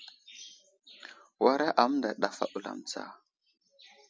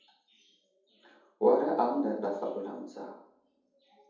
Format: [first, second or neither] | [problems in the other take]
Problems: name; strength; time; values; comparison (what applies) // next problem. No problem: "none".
first | room echo; dies away in 0.7 s